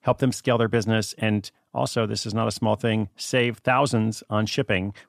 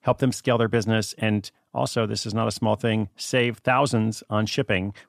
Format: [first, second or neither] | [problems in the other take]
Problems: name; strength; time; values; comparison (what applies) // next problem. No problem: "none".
neither | none